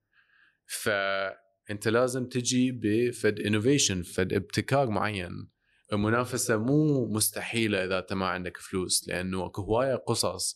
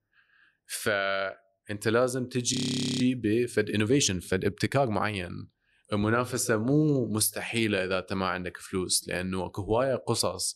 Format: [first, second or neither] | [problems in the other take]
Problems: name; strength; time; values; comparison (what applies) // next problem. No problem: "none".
first | audio freezing; at 2.5 s